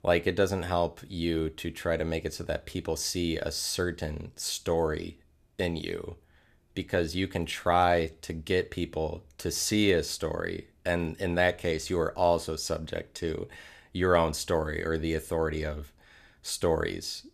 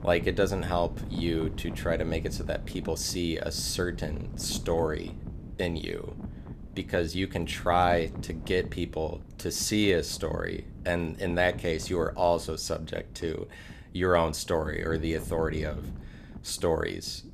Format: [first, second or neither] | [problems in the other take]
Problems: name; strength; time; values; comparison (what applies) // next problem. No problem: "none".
first | wind noise on the microphone; occasional gusts; 20 dB below the speech